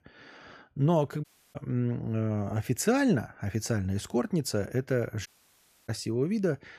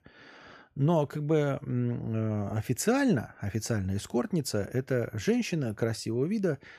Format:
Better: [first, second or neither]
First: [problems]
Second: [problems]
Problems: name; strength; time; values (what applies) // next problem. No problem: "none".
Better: second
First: audio cutting out; at 1 s and at 5.5 s for 0.5 s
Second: none